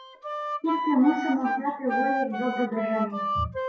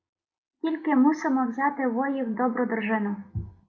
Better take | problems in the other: second | noise reduction (classical method WPE with log-MMSE)

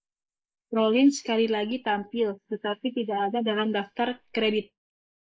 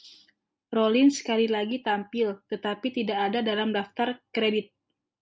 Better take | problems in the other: second | noise reduction (neural mask model Resemble Enhance denoiser)

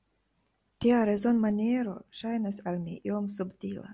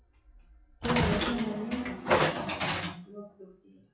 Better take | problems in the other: first | noise reduction (classical method WPE with log-MMSE)

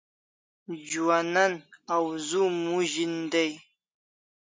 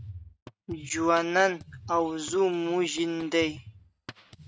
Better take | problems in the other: first | noise reduction (neural mask model RNNoise)

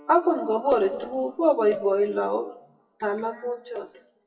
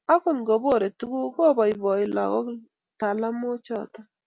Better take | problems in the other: second | noise reduction (classical method WPE with log-MMSE)

